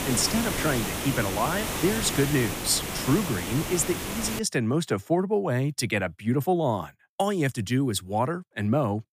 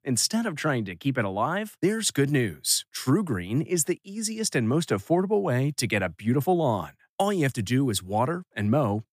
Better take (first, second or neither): second